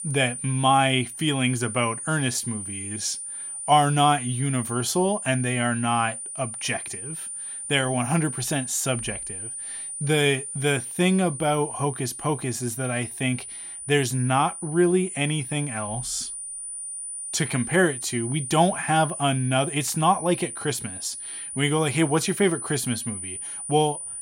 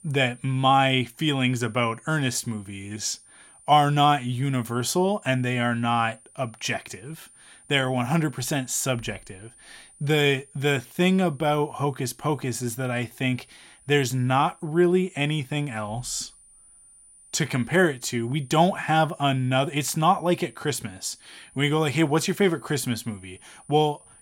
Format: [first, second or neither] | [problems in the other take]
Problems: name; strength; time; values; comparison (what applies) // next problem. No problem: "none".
second | high-pitched whine; loud; throughout; 9.5 kHz, 7 dB below the speech; faint in the second